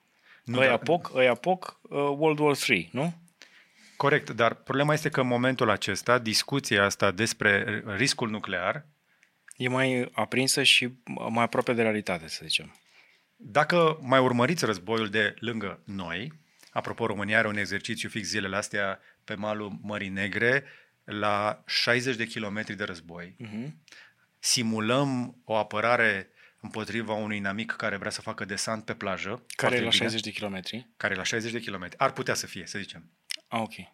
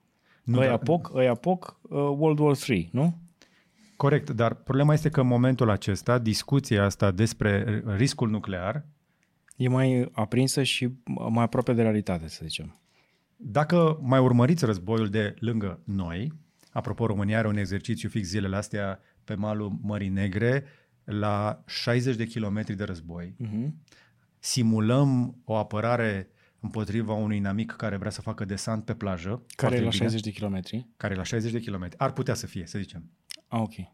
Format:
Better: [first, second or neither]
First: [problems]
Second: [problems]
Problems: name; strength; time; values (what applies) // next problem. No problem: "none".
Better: second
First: thin; somewhat; fading below 550 Hz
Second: none